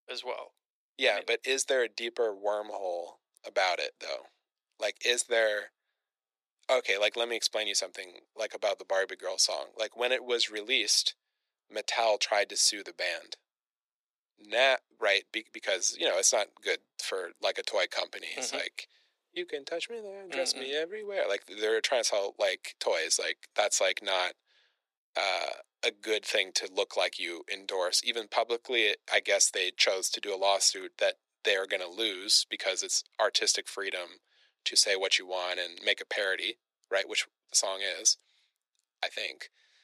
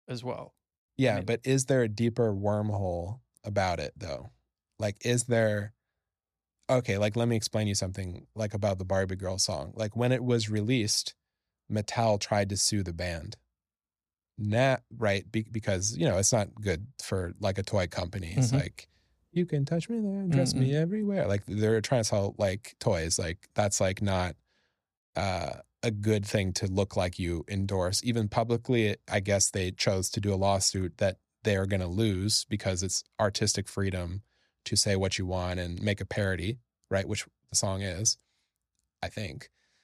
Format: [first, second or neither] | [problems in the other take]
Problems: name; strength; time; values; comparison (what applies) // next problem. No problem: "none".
second | thin; very; fading below 400 Hz